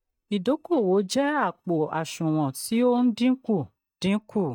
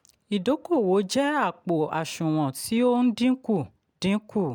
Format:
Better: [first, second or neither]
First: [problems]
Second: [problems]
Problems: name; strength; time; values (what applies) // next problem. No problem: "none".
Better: second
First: noise reduction (neural mask model DeepFilterNet 3)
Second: none